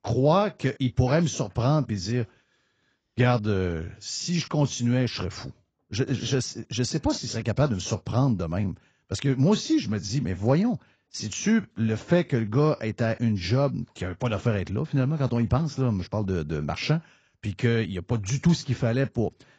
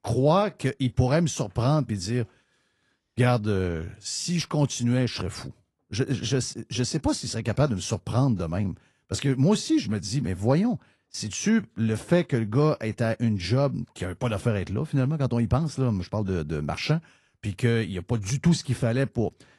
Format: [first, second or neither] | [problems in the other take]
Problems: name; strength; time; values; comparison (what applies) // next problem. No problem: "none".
second | garbled, watery; badly; nothing above 7.5 kHz; slightly in the second